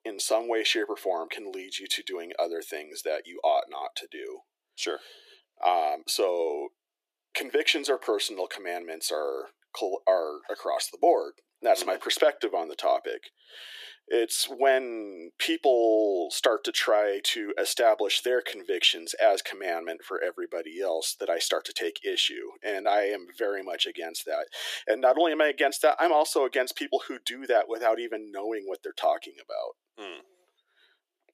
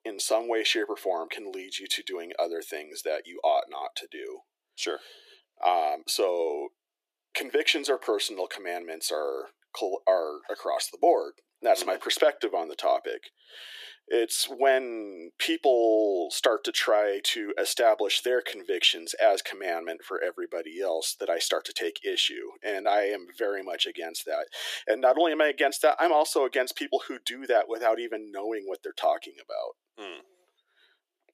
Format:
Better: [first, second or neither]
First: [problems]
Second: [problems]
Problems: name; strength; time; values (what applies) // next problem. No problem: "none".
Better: neither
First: thin; very; fading below 350 Hz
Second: thin; very; fading below 350 Hz